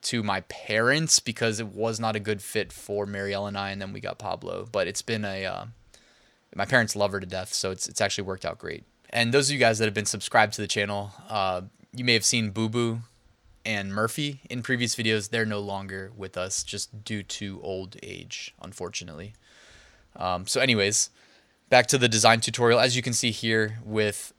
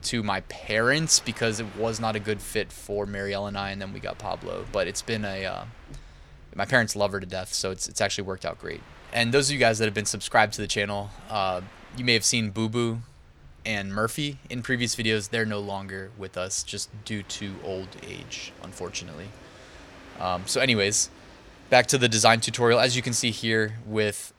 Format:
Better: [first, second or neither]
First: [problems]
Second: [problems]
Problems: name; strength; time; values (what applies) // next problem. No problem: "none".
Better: first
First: none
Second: train or aircraft noise; faint; throughout; 25 dB below the speech